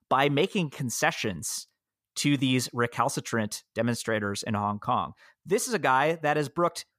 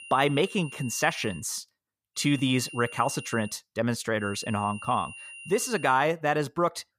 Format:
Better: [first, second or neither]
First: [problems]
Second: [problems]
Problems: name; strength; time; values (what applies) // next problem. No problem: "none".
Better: first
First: none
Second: high-pitched whine; noticeable; until 1.5 s, from 2 to 3.5 s and from 4 to 6 s; 3 kHz, 15 dB below the speech